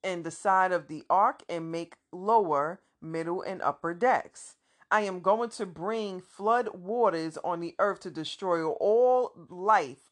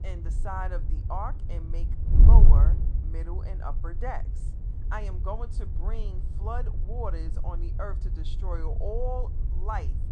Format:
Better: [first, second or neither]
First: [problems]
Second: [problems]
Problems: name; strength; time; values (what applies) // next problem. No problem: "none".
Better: first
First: none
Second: wind noise on the microphone; heavy; 8 dB below the speech